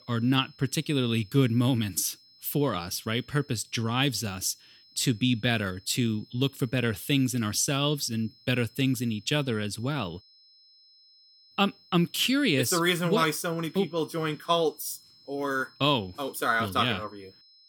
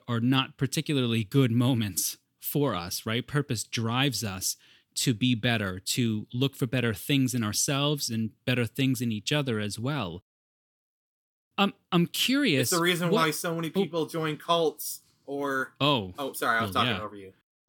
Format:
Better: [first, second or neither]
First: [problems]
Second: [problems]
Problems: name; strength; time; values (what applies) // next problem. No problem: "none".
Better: second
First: high-pitched whine; faint; throughout; 5 kHz, 25 dB below the speech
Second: none